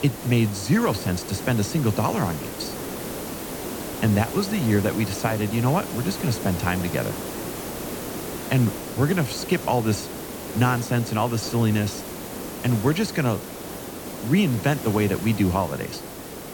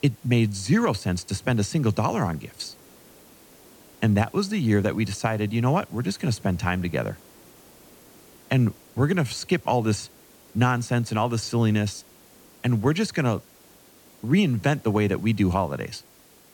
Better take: second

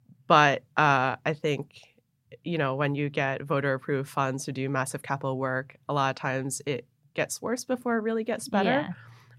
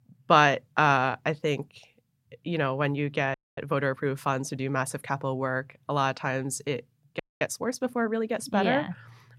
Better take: first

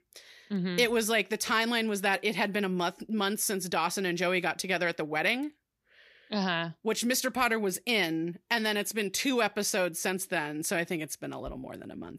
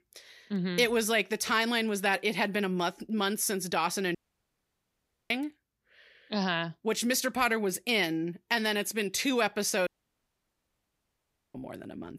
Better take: first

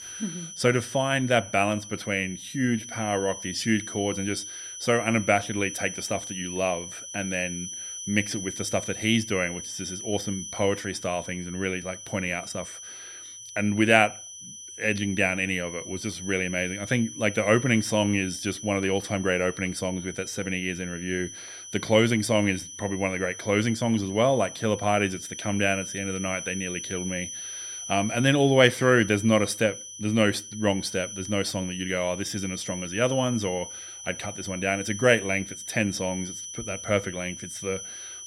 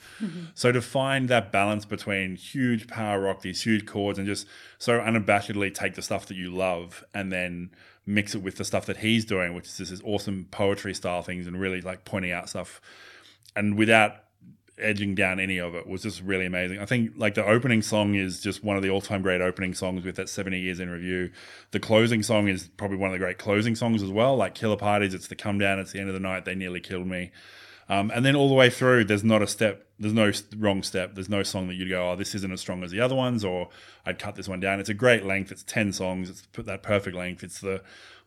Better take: second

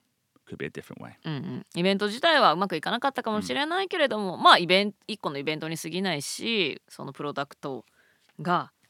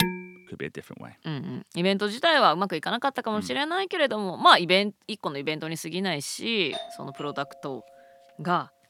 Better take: first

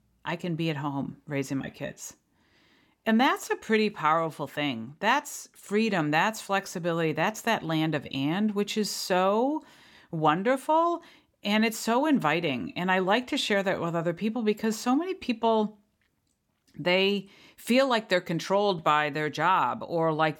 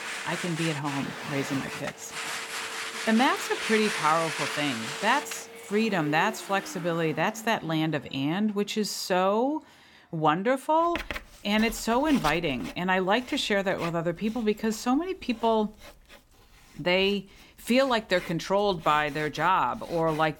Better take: first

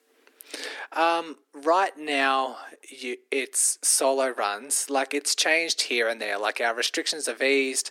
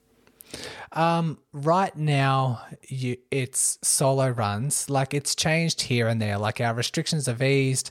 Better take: second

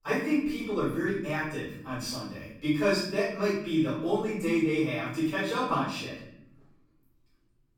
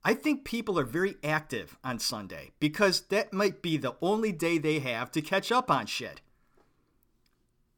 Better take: second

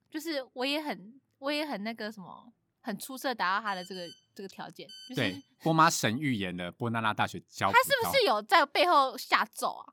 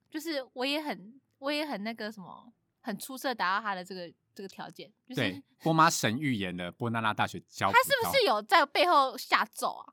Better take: second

